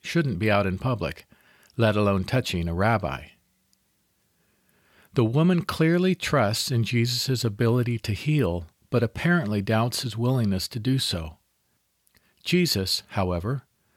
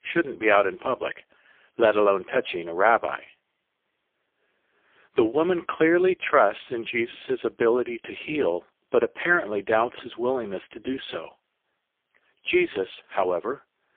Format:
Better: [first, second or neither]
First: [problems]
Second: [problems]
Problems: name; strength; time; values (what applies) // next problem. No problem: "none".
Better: first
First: none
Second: phone-call audio; poor line